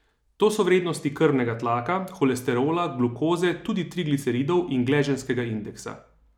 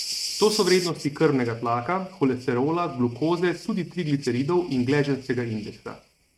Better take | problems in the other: first | noise reduction (neural mask model RNNoise)

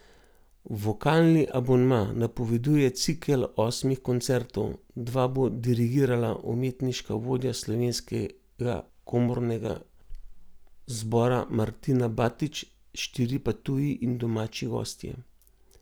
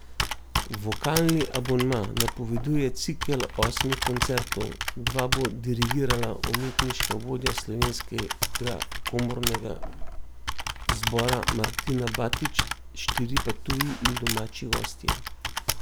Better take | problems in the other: first | background sound (Computer keyboard); as loud as the speech

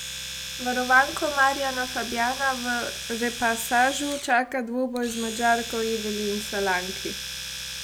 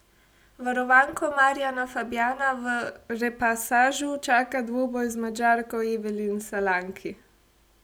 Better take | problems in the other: second | background sound (Domestic sounds, home sounds); 9 dB below the speech

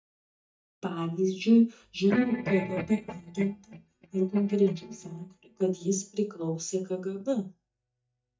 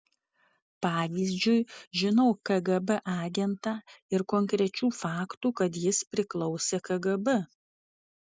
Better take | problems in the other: second | noise reduction (neural mask model DeepFilterNet 3)

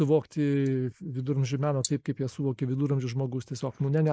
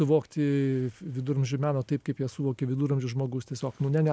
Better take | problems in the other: second | noise reduction (neural mask model Resemble Enhance denoiser)

